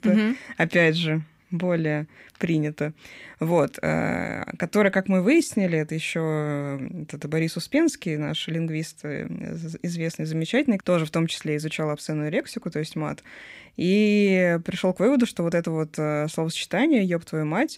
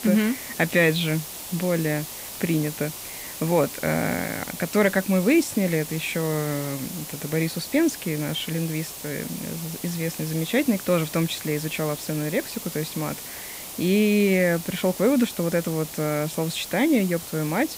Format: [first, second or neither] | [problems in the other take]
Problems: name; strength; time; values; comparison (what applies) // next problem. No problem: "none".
first | hiss; loud; throughout; 9 dB below the speech